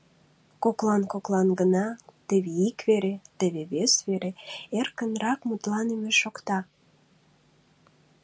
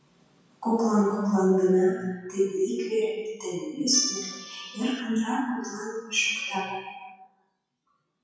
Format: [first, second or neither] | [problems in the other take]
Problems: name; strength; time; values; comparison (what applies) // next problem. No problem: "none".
first | noise reduction (classical method WPE with log-MMSE)